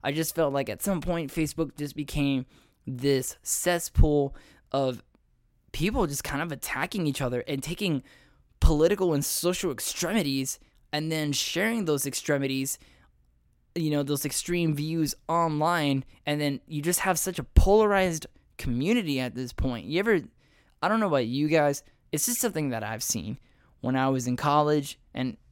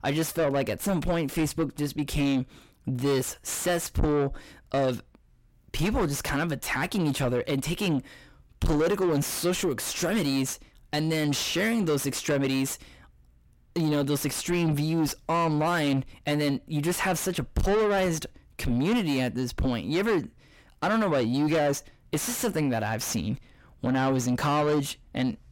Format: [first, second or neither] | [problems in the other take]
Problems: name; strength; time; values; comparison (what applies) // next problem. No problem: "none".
first | distortion; heavy; 6 dB below the speech